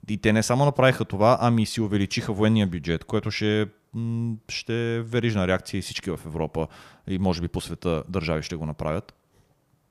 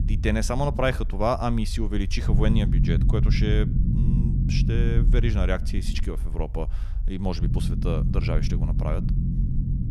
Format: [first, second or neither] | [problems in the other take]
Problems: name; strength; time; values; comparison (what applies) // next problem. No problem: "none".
first | low rumble; loud; throughout; 7 dB below the speech